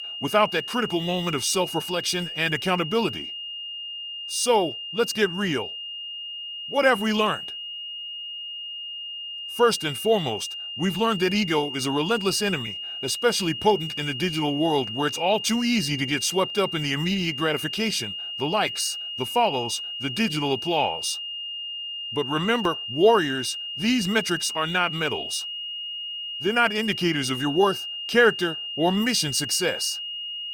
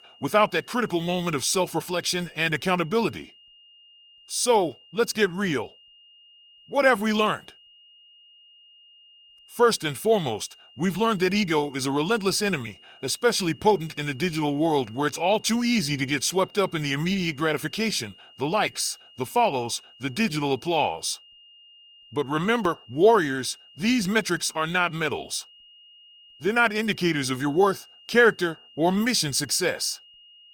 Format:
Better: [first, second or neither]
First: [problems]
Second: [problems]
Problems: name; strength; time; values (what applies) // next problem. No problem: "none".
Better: second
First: high-pitched whine; loud; throughout; 3 kHz, 7 dB below the speech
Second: high-pitched whine; faint; throughout; 3 kHz, 25 dB below the speech